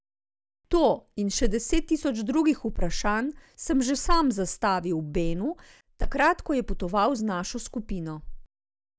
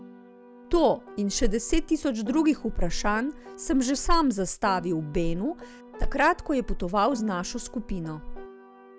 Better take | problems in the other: first | background sound (Piano); 20 dB below the speech

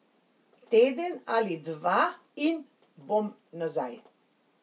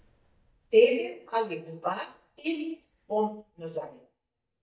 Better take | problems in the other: first | noise reduction (neural mask model DeepFilterNet 3)

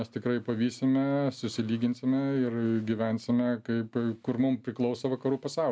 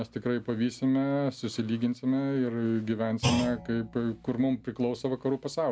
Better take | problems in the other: first | background sound (Thump, thud); 12 dB below the speech

